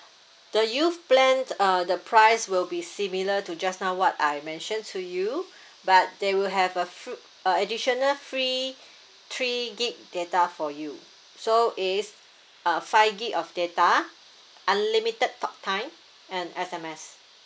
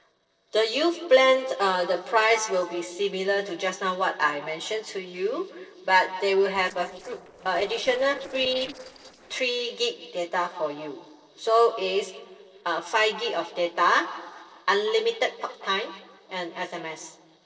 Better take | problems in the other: first | noise reduction (neural separator model SepFormer DNS4)

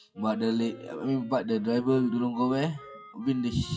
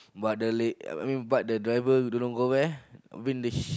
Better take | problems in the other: second | noise reduction (classical method WPE with log-MMSE)

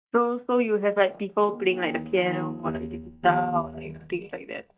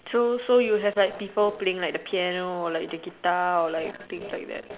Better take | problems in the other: second | noise reduction (neural mask model DeepFilterNet 3)

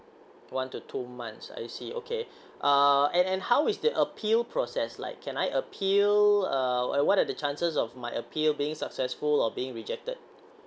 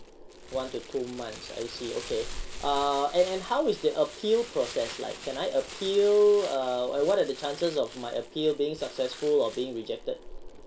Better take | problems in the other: first | background sound (Crumpling, crinkling); 14 dB below the speech // room echo; dies away in 0.2 s

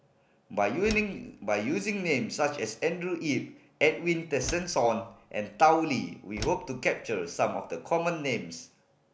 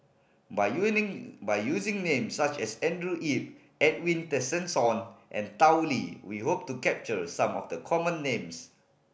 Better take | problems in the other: second | background sound (Slam); 15 dB below the speech

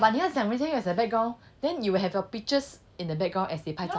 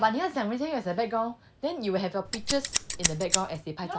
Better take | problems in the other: first | background sound (Scissors); as loud as the speech

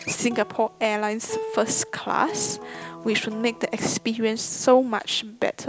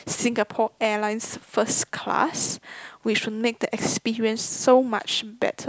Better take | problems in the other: second | background sound (Acoustic guitar); 14 dB below the speech

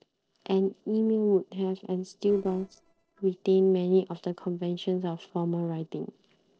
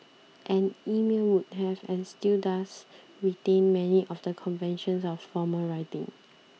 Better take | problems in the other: second | noise reduction (neural separator model SepFormer DNS4)

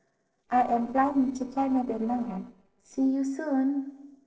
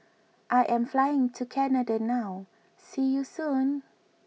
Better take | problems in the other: second | noise reduction (neural separator model SepFormer DNS4)

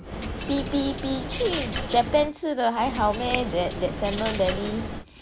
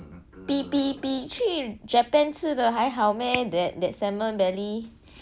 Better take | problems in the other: second | background sound (Coin (dropping)); 6 dB below the speech

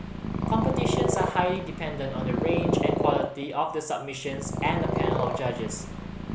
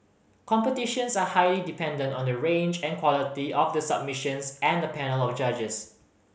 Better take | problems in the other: second | background sound (Purr); 2 dB above the speech

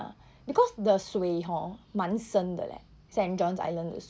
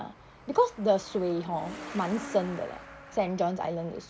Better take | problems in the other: first | background sound (Truck); 15 dB below the speech

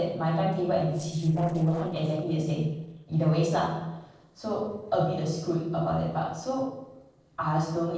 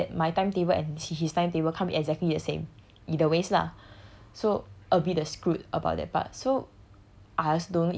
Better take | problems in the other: second | noise reduction (neural separator model SepFormer DNS4)

